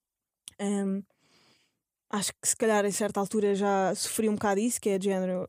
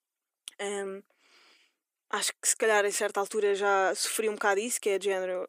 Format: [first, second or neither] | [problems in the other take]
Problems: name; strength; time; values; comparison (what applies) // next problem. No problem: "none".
first | thin; very; fading below 350 Hz